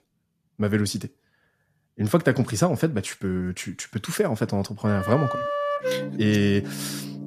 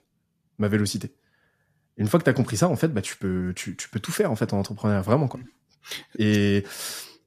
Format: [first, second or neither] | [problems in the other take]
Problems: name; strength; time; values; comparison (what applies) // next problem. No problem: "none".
second | background music; loud; from 5 s on; 5 dB below the speech